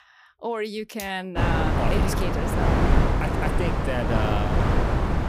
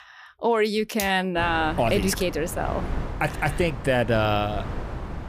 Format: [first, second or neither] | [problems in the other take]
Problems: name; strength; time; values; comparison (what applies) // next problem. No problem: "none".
second | wind noise on the microphone; heavy; from 1.5 s on; 3 dB above the speech; occasional gusts in the second